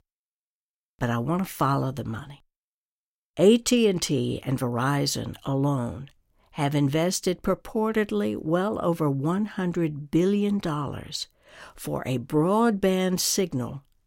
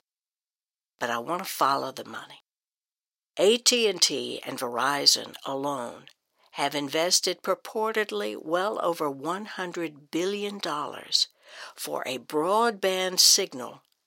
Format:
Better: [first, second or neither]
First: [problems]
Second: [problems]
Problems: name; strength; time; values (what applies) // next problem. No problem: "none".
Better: first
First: none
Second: thin; somewhat; fading below 500 Hz